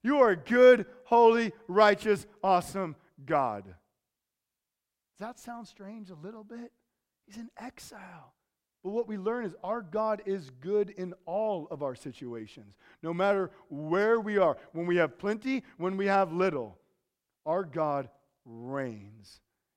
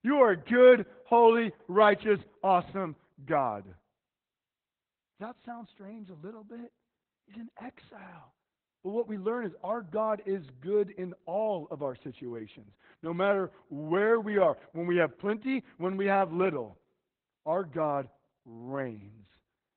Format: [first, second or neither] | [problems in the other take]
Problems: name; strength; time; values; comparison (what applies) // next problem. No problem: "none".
first | garbled, watery; badly; nothing above 3.5 kHz